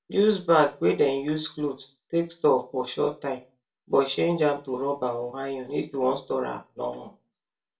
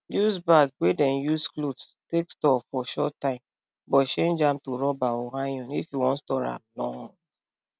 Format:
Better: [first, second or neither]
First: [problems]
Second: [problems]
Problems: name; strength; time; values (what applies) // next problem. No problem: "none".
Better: second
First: room echo; dies away in 0.2 s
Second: none